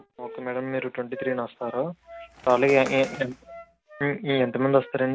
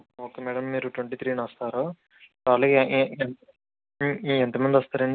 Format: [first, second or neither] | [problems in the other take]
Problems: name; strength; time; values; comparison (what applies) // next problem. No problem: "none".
second | background sound (Bird + Wind instrument, woodwind instrument); 16 dB below the speech